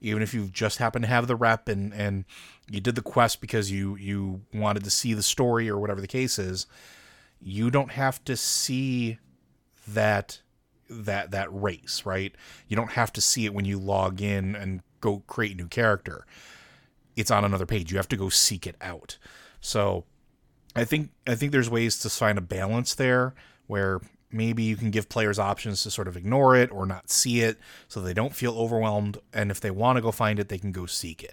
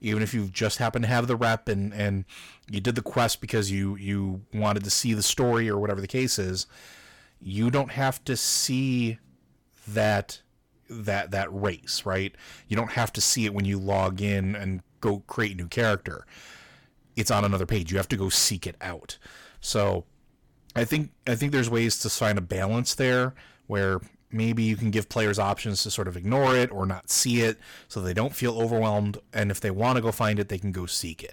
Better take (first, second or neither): first